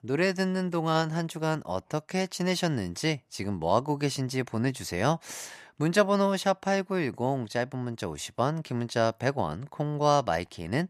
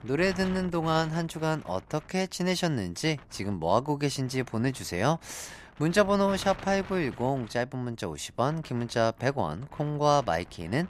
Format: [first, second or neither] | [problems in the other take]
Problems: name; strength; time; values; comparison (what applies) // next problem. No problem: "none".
first | wind noise on the microphone; occasional gusts; 20 dB below the speech